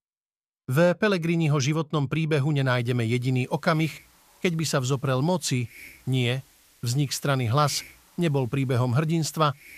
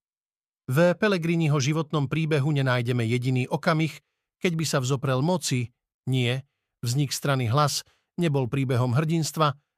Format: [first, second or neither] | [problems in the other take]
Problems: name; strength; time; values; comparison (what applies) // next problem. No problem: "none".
second | hiss; faint; from 2.5 s on; 25 dB below the speech